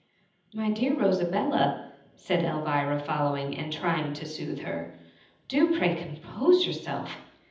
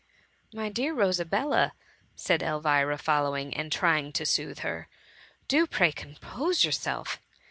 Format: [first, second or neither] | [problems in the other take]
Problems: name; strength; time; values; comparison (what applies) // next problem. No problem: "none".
second | room echo; dies away in 0.8 s